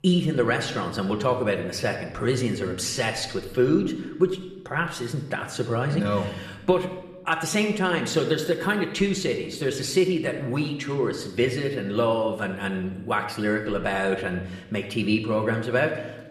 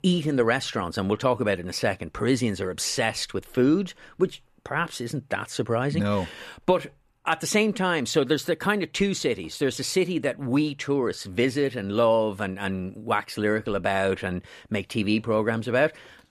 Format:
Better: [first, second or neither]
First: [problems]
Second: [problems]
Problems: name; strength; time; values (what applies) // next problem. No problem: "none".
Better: second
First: room echo; slight; dies away in 0.8 s // off-mic speech; somewhat distant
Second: none